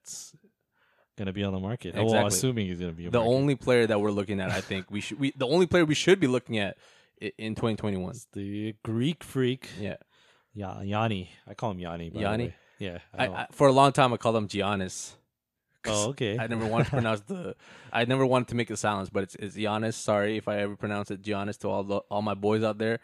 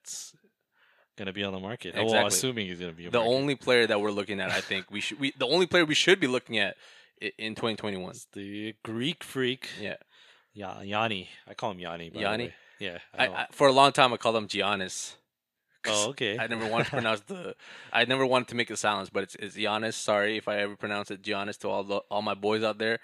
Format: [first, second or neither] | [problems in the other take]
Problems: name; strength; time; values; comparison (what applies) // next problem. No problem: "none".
first | thin; very slightly; fading below 750 Hz